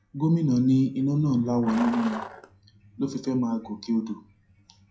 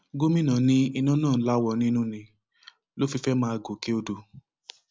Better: second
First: noise reduction (classical method WPE with log-MMSE)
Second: none

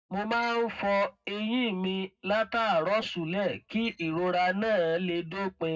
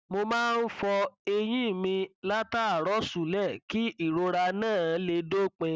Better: second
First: noise reduction (neural separator model SepFormer DNS4)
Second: none

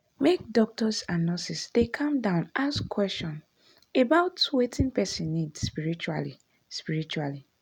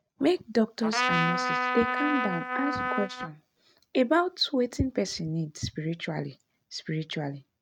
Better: first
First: none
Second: noise reduction (neural mask model RNNoise)

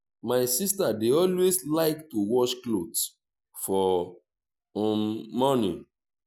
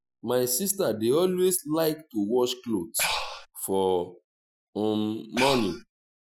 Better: first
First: none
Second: noise reduction (classical method Wiener filter)

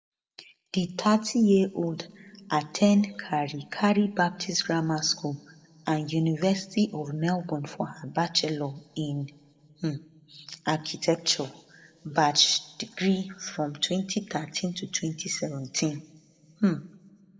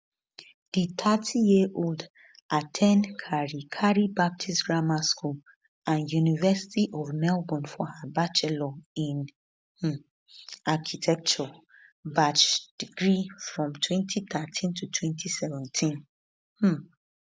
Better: second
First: room echo; dies away in 1.7 s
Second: none

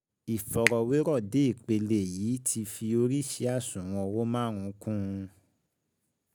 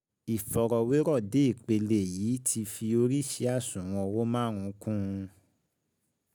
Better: second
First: background sound (Finger snapping); 8 dB below the speech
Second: none

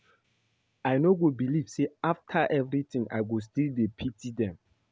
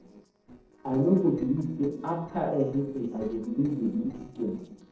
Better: first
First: none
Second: noise reduction (neural separator model SepFormer DNS4)

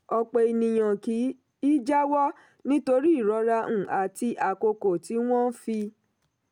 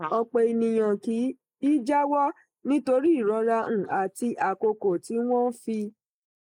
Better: first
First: none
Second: noise reduction (neural mask model Resemble Enhance denoiser)

